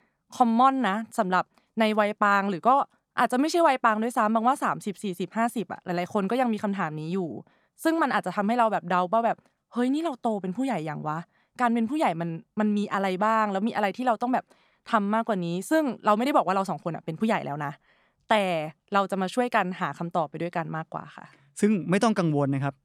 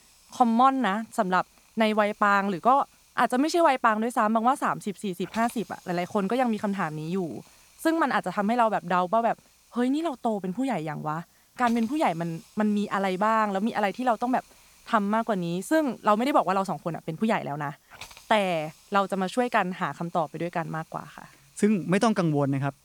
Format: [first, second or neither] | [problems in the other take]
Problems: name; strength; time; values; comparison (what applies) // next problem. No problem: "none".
first | hiss; faint; throughout; 25 dB below the speech